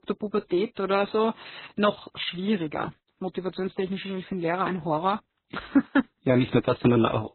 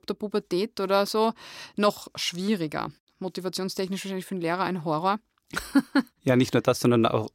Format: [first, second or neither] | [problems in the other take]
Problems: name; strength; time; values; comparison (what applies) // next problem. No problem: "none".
second | garbled, watery; badly; nothing above 4 kHz